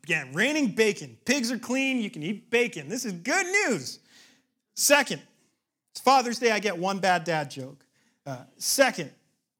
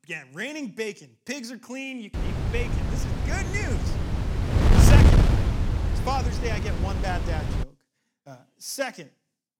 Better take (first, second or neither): first